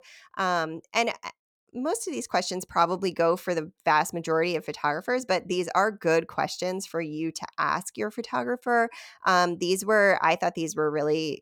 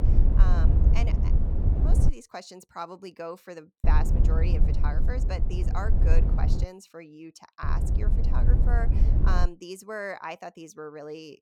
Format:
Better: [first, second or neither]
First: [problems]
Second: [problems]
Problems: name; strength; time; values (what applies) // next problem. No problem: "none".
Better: first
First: none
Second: low rumble; loud; until 2 s, from 4 to 6.5 s and from 7.5 to 9.5 s; 3 dB below the speech